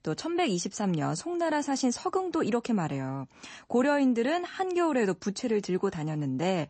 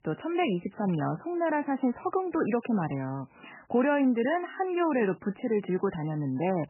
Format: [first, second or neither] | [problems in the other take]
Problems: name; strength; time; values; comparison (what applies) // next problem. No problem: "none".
first | garbled, watery; badly; nothing above 3 kHz; slightly in the first